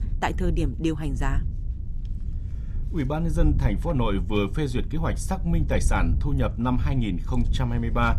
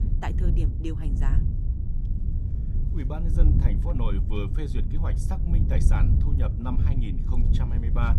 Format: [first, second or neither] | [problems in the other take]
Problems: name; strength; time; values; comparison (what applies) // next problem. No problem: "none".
first | wind noise on the microphone; heavy; 3 dB below the speech; occasional gusts in the first